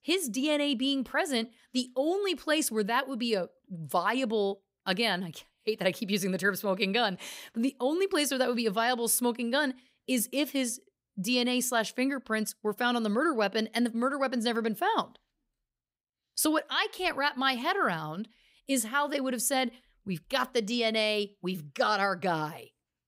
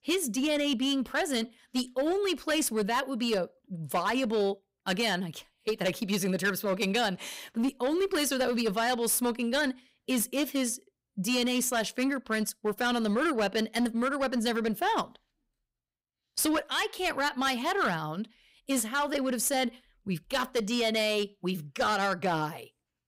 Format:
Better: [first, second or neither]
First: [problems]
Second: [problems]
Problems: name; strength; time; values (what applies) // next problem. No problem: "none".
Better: first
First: none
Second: distortion; slight; 9% of the sound clipped